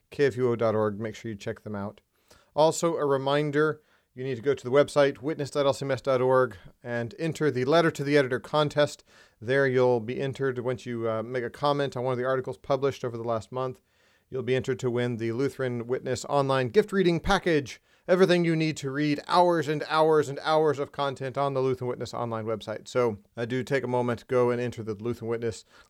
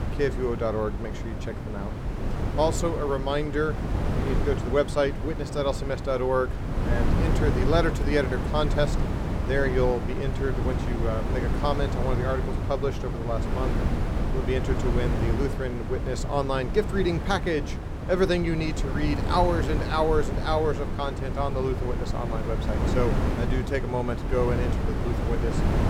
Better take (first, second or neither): first